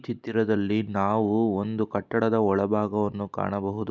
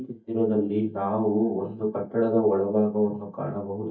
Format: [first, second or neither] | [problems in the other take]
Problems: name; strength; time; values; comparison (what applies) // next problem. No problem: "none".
first | noise reduction (neural mask model DeepFilterNet 3)